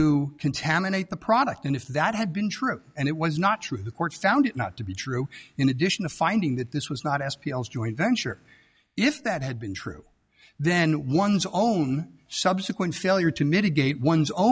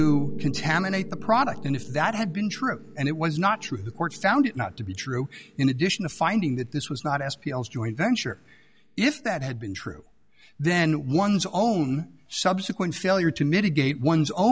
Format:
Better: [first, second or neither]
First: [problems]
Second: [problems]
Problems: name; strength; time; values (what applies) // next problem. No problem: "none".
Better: first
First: none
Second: background sound (Piano); 14 dB below the speech